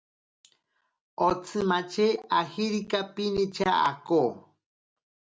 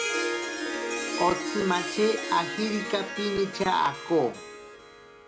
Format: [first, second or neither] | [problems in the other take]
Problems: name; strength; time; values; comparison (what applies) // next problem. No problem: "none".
first | background sound (Harp); 4 dB below the speech